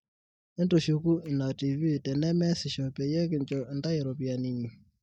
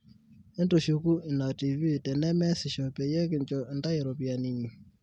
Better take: second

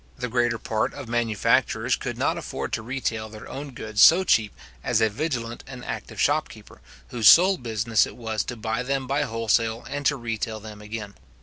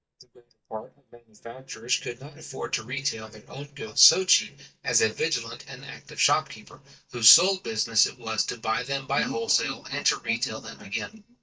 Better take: first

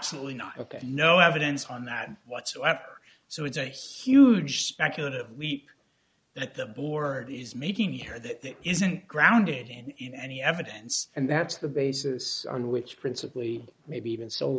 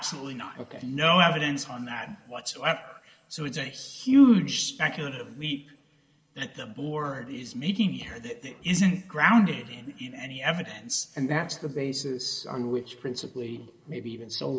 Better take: first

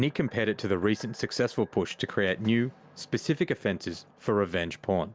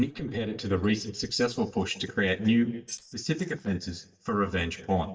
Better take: first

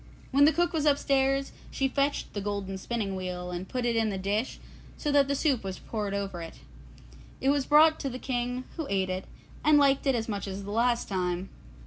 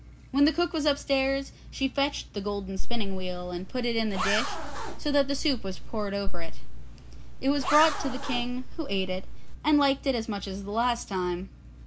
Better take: first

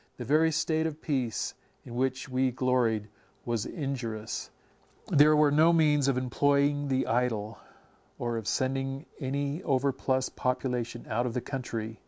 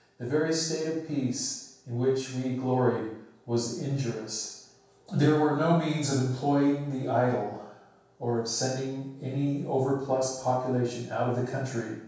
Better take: first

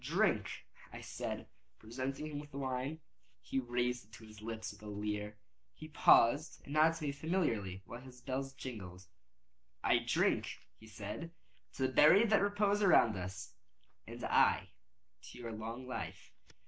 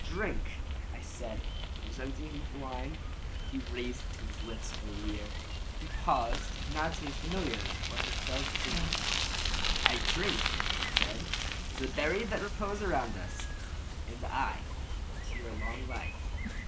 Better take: first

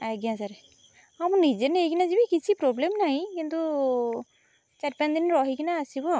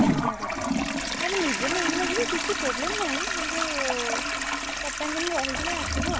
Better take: first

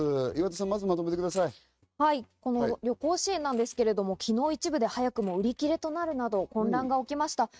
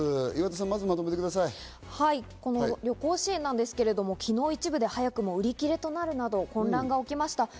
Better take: second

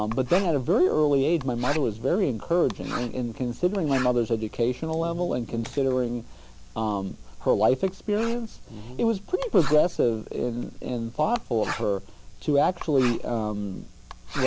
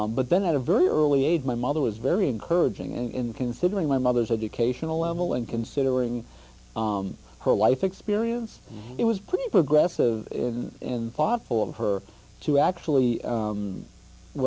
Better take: second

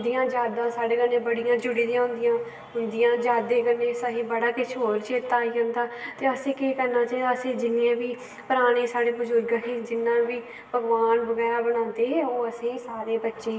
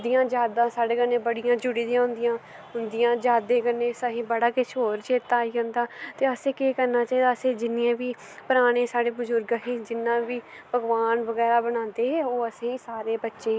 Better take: second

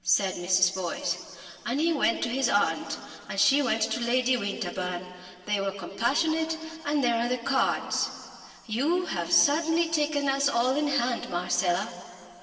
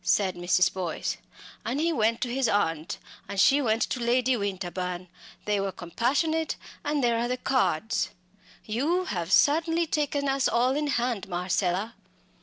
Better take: second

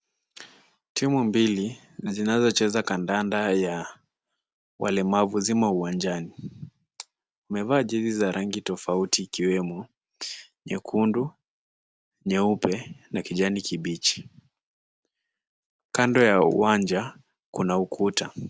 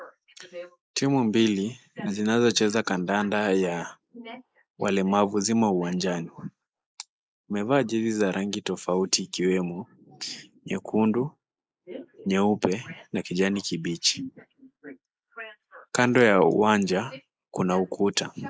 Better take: first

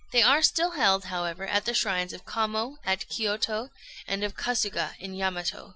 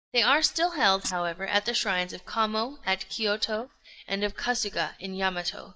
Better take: first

